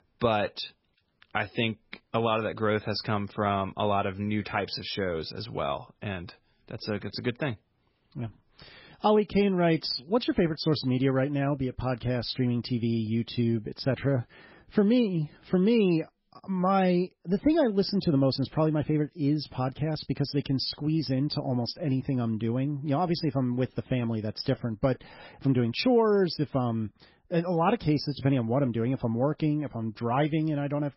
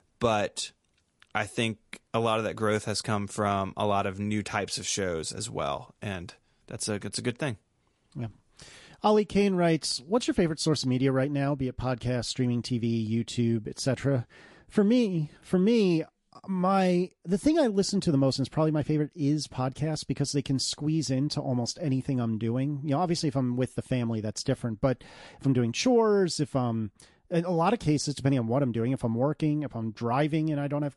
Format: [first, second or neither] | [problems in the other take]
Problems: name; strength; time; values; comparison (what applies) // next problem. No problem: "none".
second | garbled, watery; badly; nothing above 5.5 kHz; slightly in the second